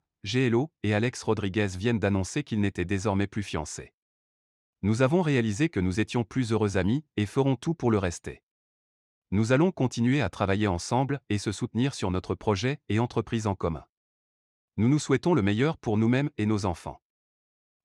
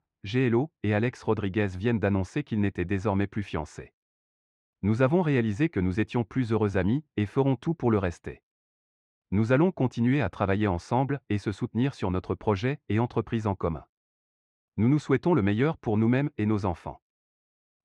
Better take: first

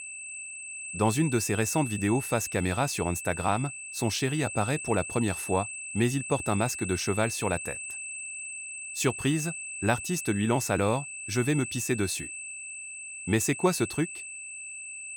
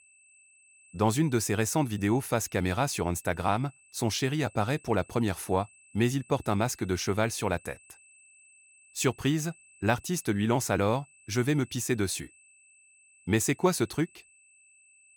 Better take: second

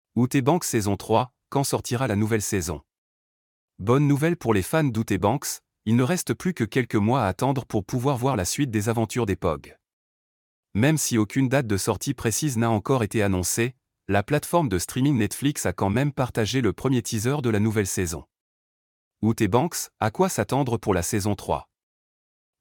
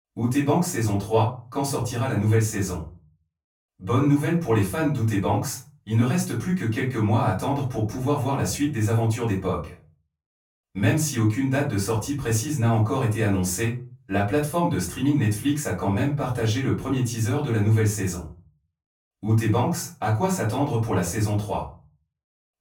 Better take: first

